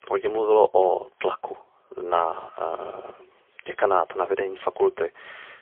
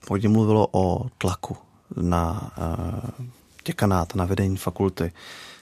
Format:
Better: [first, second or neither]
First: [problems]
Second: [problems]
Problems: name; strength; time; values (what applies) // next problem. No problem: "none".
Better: second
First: phone-call audio; poor line; nothing above 3.5 kHz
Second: none